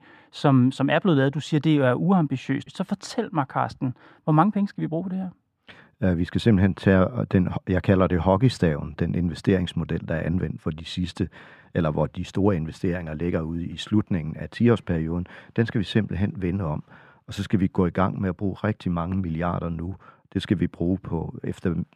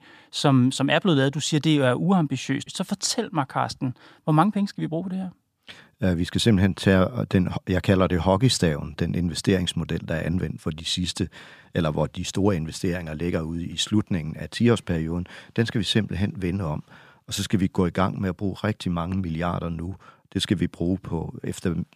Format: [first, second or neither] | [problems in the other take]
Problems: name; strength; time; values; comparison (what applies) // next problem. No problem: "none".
second | muffled; slightly; fading above 3.5 kHz